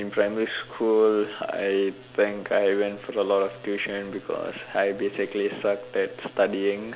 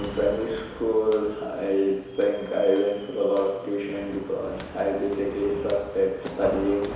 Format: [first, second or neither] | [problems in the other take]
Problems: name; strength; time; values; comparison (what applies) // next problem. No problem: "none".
first | background sound (Walk, footsteps); 16 dB below the speech // room echo; dies away in 1 s